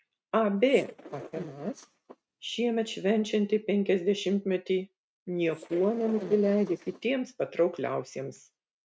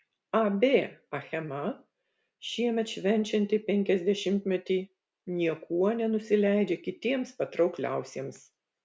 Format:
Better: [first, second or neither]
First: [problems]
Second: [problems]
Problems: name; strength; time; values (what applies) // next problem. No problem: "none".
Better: second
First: noise reduction (neural mask model RNNoise)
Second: none